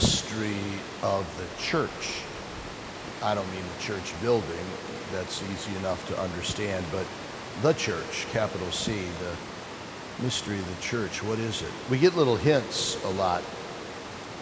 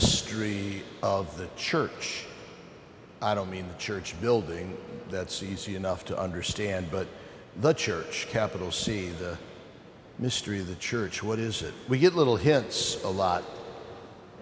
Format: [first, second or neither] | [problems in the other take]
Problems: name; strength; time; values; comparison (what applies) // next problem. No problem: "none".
second | background sound (Water); 10 dB below the speech